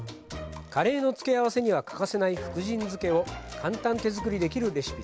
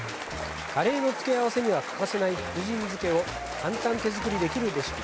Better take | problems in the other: first | background sound (Applause / Cheering); 7 dB below the speech

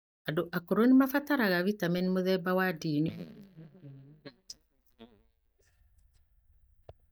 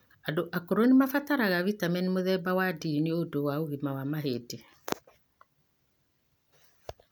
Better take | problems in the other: second | noise reduction (neural mask model DeepFilterNet 3)

